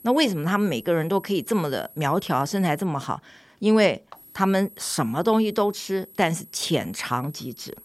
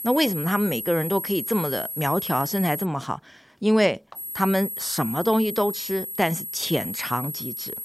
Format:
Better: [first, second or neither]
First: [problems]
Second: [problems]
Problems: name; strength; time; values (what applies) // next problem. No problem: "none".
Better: first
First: high-pitched whine; faint; until 3 s and from 4 s on; 11.5 kHz, 20 dB below the speech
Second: high-pitched whine; loud; until 3 s and from 4 s on; 11.5 kHz, 6 dB below the speech